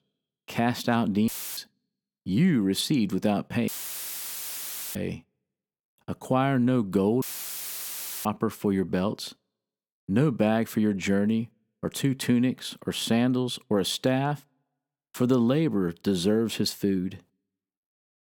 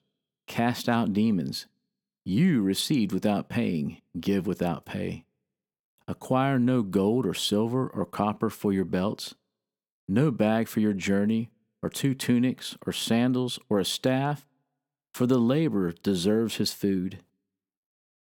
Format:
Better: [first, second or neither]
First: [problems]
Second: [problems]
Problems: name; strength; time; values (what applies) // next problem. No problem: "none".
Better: second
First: audio cutting out; filled with static; at 1.5 s, at 3.5 s for 1.5 s and at 7 s for 1 s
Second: none